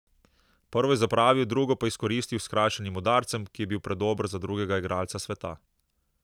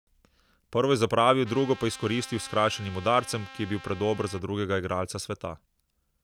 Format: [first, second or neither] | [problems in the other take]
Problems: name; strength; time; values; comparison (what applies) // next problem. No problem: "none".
first | background sound (Trumpet); 18 dB below the speech